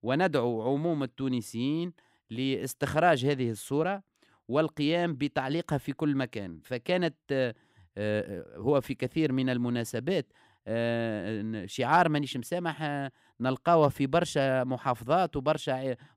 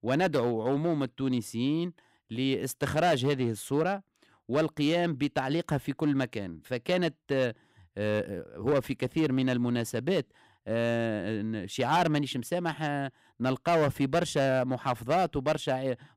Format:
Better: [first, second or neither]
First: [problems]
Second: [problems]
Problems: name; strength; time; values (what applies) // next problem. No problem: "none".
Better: first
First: none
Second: distortion; slight; 5% of the sound clipped